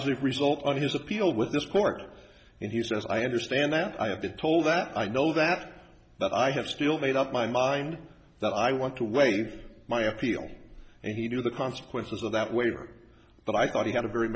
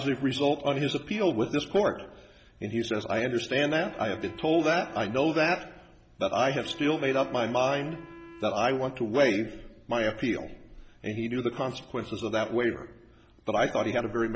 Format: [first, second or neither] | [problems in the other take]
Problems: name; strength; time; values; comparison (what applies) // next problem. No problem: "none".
first | background sound (Wind instrument, woodwind instrument); 19 dB below the speech